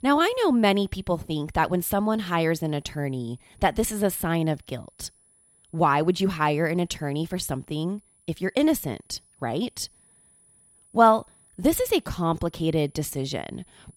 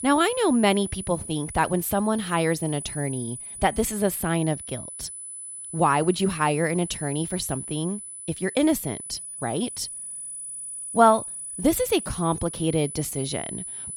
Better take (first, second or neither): first